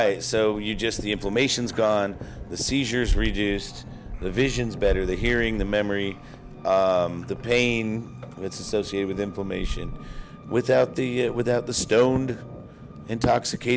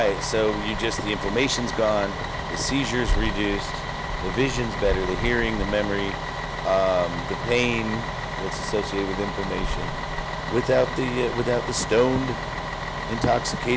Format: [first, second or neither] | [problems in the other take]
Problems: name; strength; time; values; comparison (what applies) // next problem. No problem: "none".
first | background sound (Bus); 5 dB below the speech